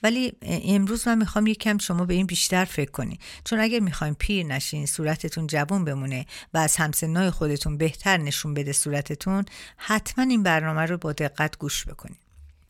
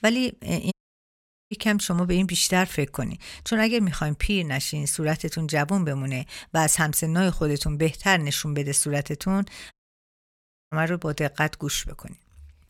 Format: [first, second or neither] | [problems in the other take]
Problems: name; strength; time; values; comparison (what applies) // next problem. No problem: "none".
first | audio cutting out; at 0.5 s for 1 s and at 9.5 s for 1 s